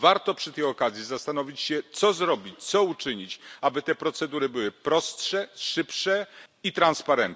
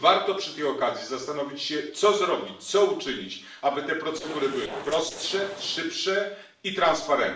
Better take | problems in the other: first | noise reduction (neural separator model SepFormer DNS4)

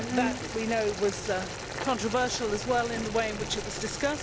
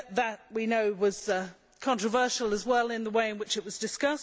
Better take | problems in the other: second | background sound (Subway, metro, underground + Boiling); 5 dB below the speech

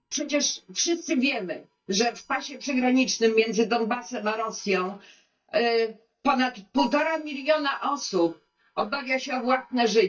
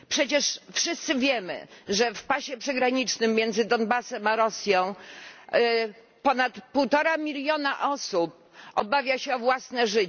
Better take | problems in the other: second | noise reduction (neural mask model DeepFilterNet 3)

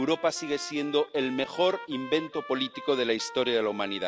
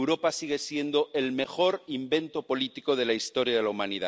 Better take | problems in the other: second | background sound (Trumpet); 15 dB below the speech

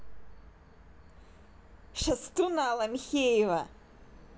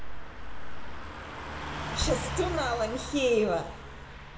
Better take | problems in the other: first | background sound (Car passing by / Truck); 8 dB below the speech // room echo; dies away in 2.2 s

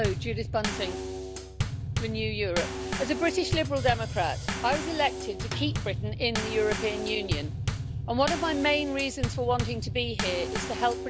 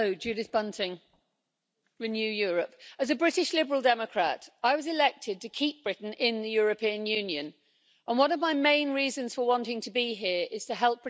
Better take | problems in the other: second | background sound (Bass drum / Snare drum / Drum kit); 2 dB below the speech

